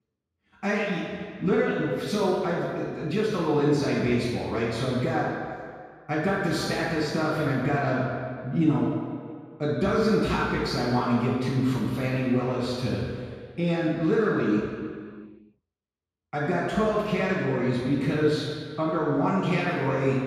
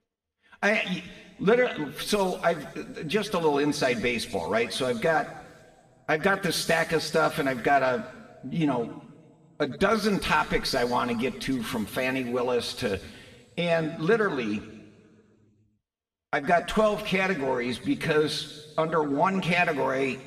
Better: second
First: room echo; strong; dies away in 2 s // off-mic speech; far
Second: room echo; slight; dies away in 1.8 s // off-mic speech; somewhat distant

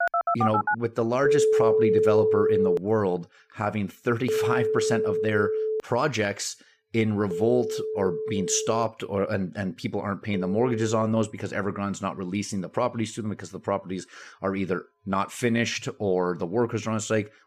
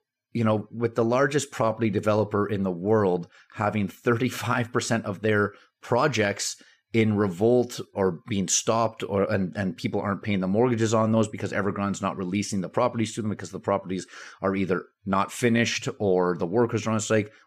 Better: second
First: alarms or sirens; very loud; throughout; 1 dB above the speech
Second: none

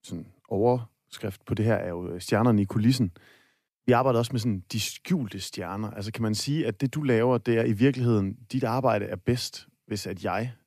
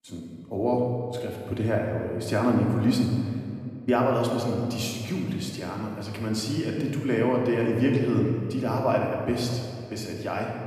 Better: first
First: none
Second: room echo; noticeable; dies away in 1.9 s // off-mic speech; somewhat distant

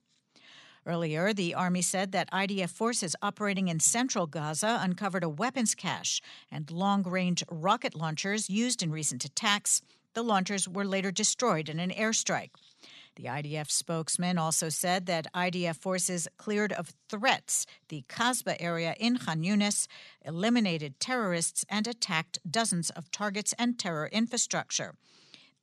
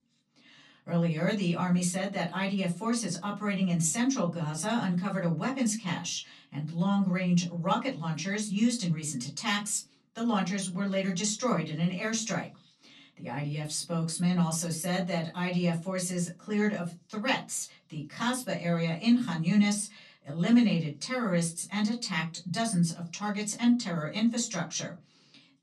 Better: first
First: none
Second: off-mic speech; far // room echo; very slight; dies away in 0.3 s

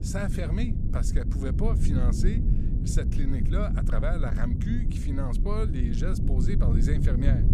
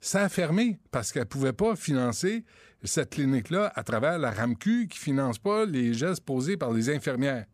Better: second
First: low rumble; loud; throughout; 3 dB below the speech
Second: none

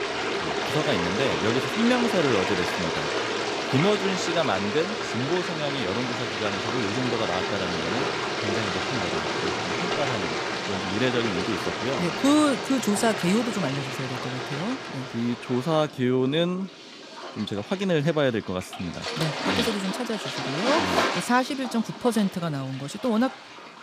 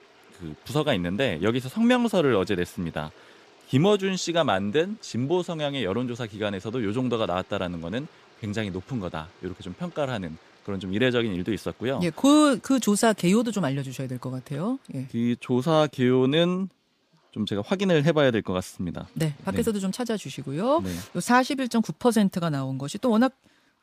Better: second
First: rain or running water; loud; throughout; 1 dB below the speech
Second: rain or running water; faint; throughout; 30 dB below the speech

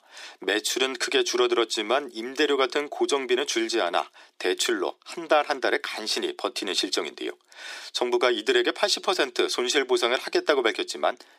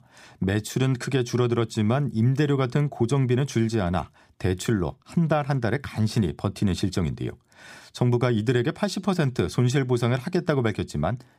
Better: second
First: thin; very; fading below 350 Hz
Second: none

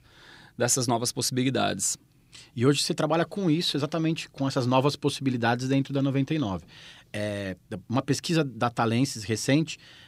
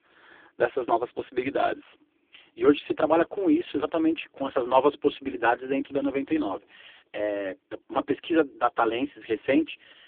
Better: first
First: none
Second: phone-call audio; poor line; nothing above 3.5 kHz

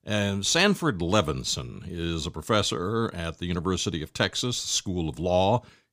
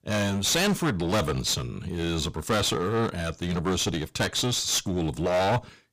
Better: first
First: none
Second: distortion; heavy; 16% of the sound clipped

